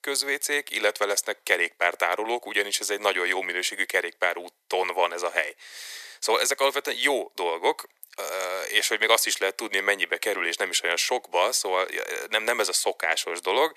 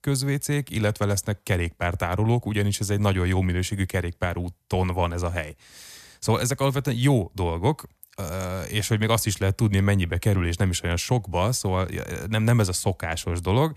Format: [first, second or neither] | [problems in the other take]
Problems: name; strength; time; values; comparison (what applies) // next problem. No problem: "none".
second | thin; very; fading below 400 Hz